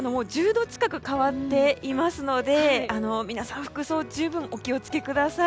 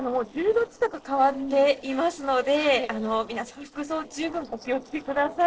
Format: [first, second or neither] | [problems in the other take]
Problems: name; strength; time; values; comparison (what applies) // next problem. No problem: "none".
first | noise reduction (neural separator model SepFormer DNS4)